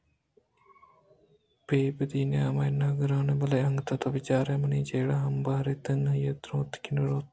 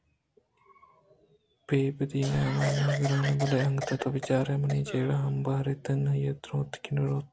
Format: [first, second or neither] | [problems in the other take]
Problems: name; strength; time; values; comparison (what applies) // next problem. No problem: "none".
first | background sound (Cough); 9 dB below the speech